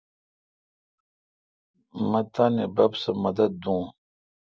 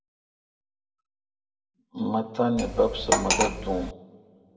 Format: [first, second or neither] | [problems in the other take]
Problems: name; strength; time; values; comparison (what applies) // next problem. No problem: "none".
first | background sound (Cutlery, silverware); 2 dB above the speech // room echo; dies away in 1.5 s